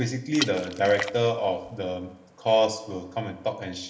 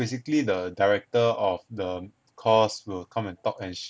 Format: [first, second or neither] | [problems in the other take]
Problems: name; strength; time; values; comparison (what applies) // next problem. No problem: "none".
second | background sound (Water / Splash, splatter); 12 dB below the speech // room echo; dies away in 0.8 s